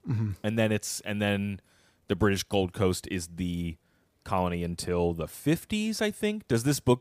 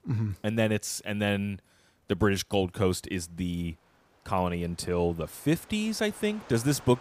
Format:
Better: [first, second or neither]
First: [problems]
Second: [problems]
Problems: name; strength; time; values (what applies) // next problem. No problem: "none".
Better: first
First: none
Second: rain or running water; faint; throughout; 25 dB below the speech